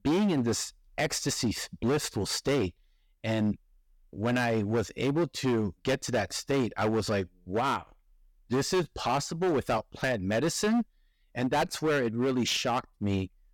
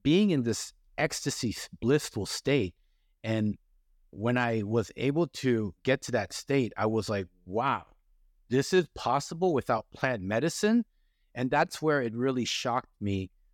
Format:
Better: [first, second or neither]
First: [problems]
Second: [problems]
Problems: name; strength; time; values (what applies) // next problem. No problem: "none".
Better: second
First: distortion; heavy; 12% of the sound clipped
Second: none